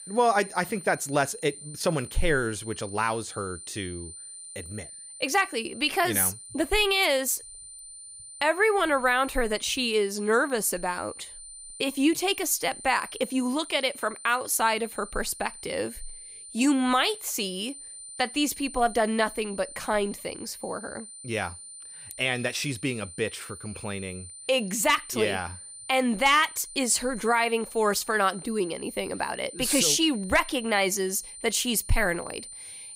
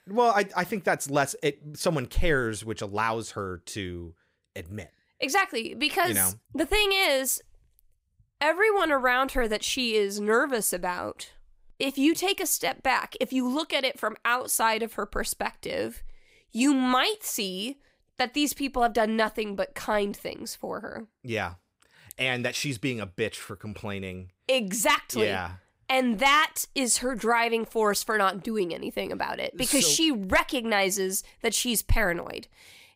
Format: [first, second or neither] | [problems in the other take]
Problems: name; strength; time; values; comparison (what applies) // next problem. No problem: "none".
second | high-pitched whine; noticeable; throughout; 9 kHz, 15 dB below the speech